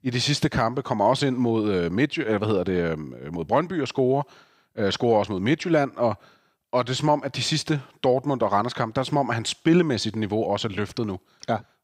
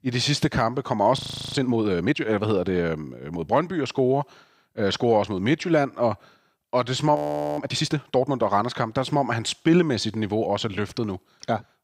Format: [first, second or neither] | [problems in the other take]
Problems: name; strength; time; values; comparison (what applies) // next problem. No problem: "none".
first | audio freezing; at 1 s and at 7 s